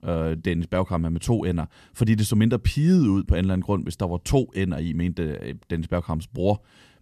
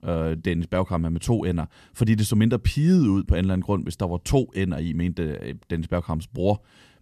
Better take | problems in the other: neither | none

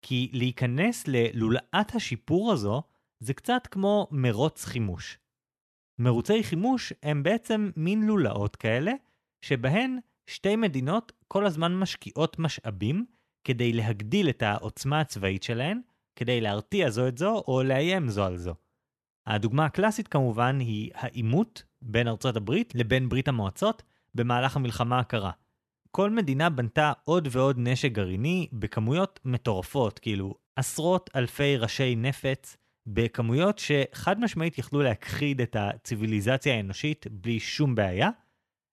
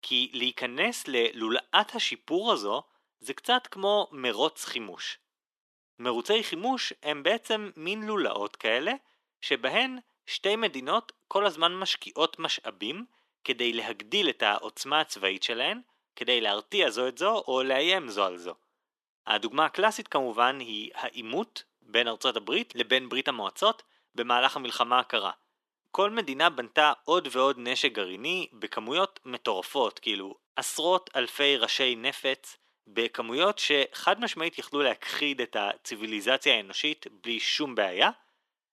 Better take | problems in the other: first | thin; somewhat; fading below 300 Hz

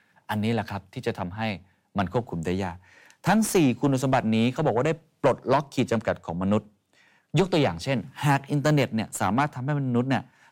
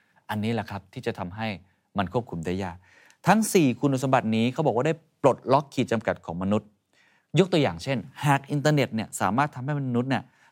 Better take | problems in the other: second | distortion; slight; 10 dB below the speech

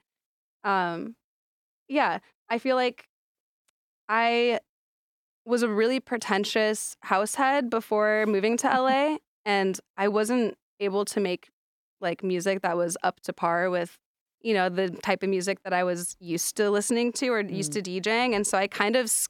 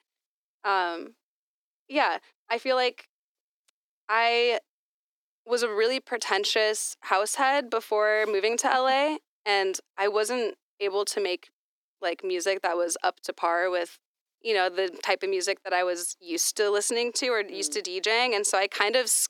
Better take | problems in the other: first | thin; somewhat; fading below 300 Hz

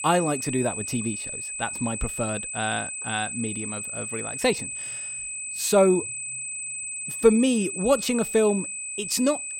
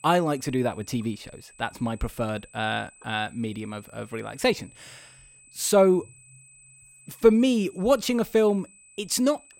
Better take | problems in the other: second | high-pitched whine; loud; throughout; 8 kHz, 5 dB below the speech; faint in the second

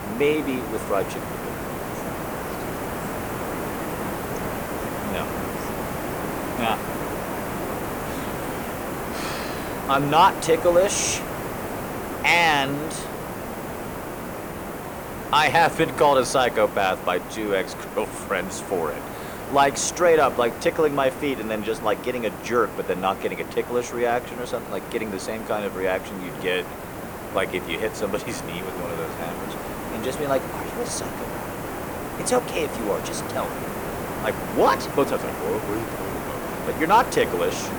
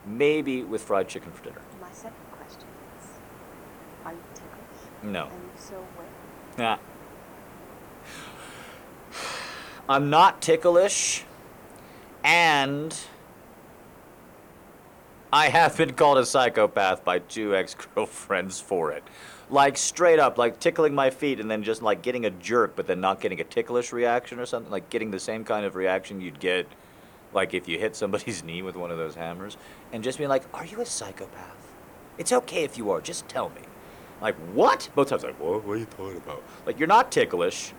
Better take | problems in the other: second | hiss; loud; throughout; 7 dB below the speech; faint in the second

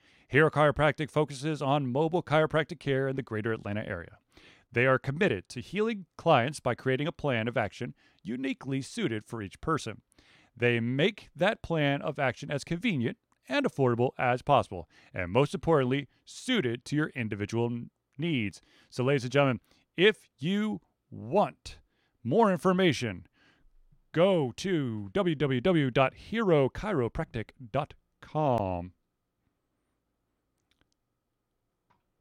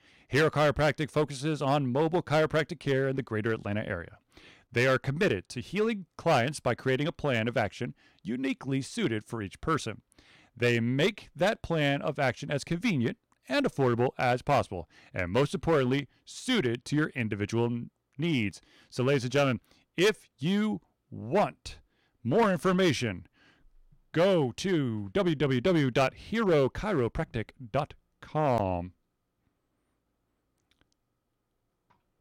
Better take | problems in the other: first | distortion; slight; 4% of the sound clipped

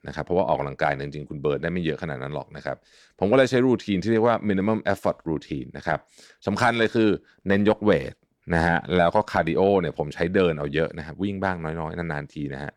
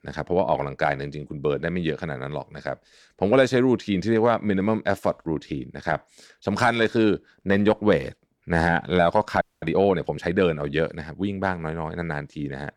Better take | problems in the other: first | audio freezing; at 9.5 s

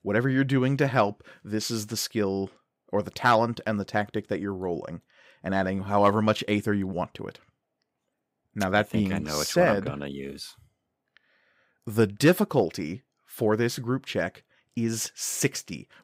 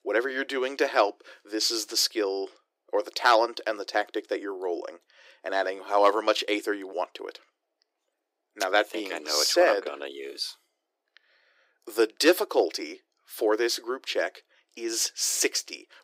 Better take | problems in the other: first | thin; very; fading below 300 Hz

